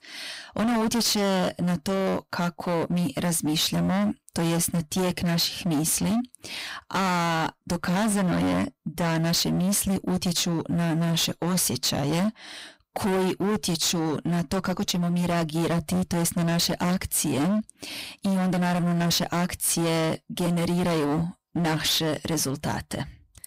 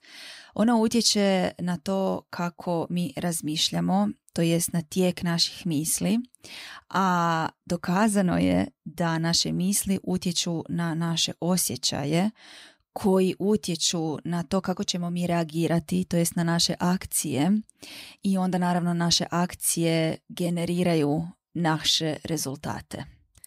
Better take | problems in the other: second | distortion; heavy; 31% of the sound clipped

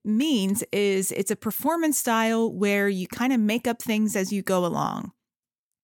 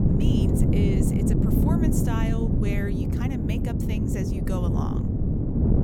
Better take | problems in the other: first | wind noise on the microphone; heavy; 4 dB above the speech

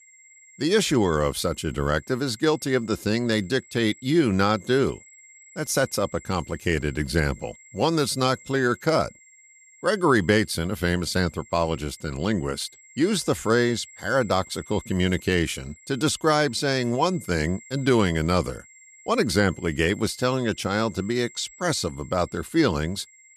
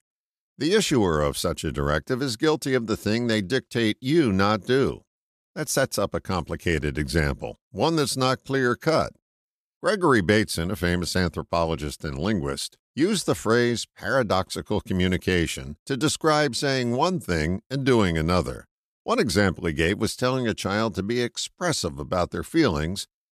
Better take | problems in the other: second | high-pitched whine; faint; throughout; 2 kHz, 25 dB below the speech

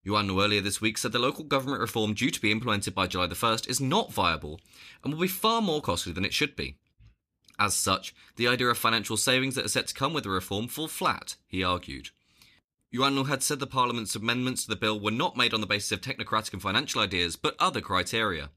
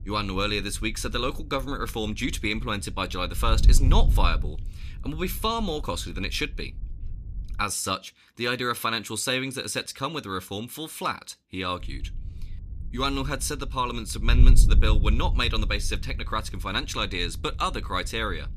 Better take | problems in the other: first | wind noise on the microphone; occasional gusts; until 7.5 s and from 12 s on; 20 dB below the speech

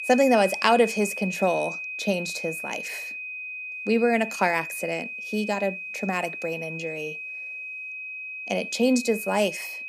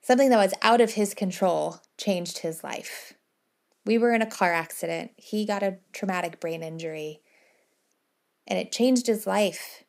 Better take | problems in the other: second | high-pitched whine; loud; throughout; 2.5 kHz, 7 dB below the speech

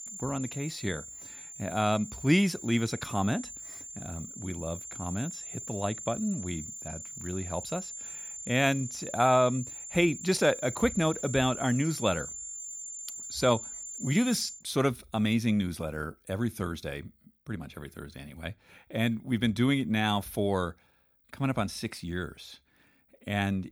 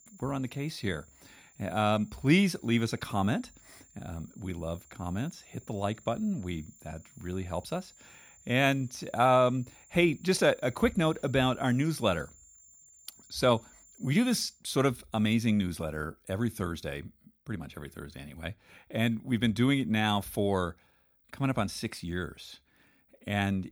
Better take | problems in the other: second | high-pitched whine; loud; until 15 s; 7 kHz, 9 dB below the speech; faint in the second

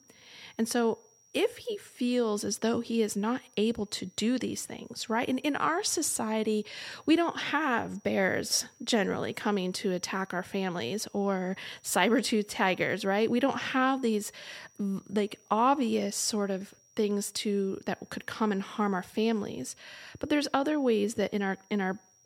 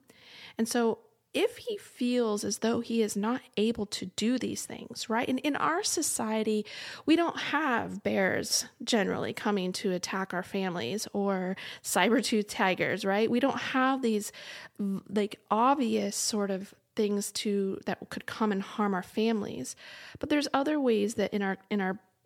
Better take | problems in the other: second | high-pitched whine; faint; throughout; 6 kHz, 30 dB below the speech

